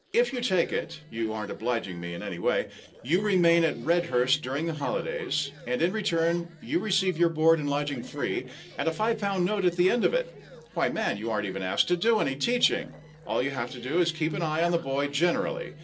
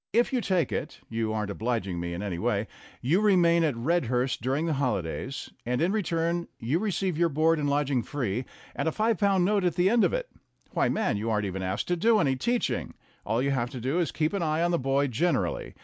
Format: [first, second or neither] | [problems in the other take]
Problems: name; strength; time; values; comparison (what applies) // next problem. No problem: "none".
second | noise reduction (neural separator model SepFormer DNS4)